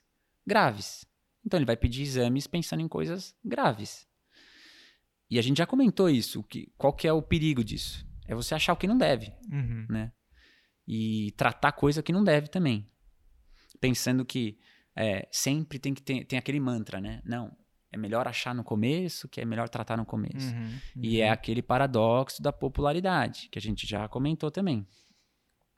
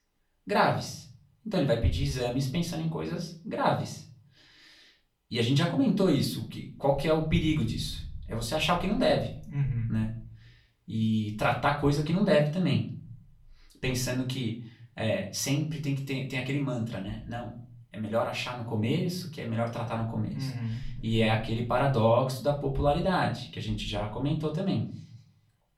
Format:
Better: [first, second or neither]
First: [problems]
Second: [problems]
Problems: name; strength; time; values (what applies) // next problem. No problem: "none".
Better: first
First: none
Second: off-mic speech; far // room echo; very slight; dies away in 0.4 s